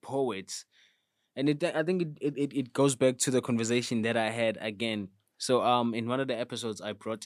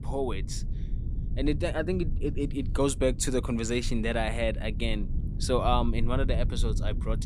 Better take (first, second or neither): first